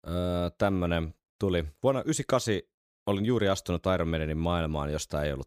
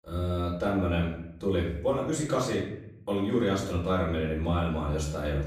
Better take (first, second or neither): first